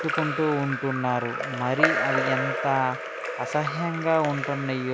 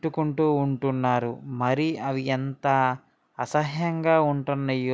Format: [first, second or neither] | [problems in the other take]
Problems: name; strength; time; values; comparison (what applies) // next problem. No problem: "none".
second | background sound (Drip / Trickle, dribble / Splash, splatter); 2 dB below the speech